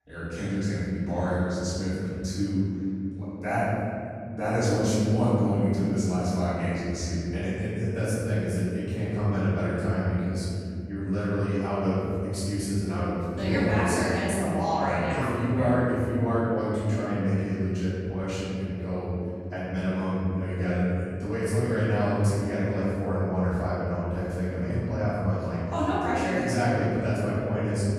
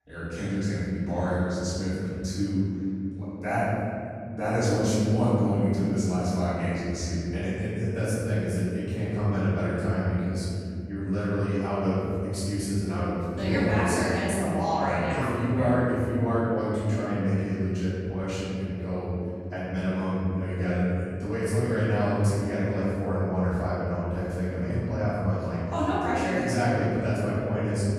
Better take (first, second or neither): neither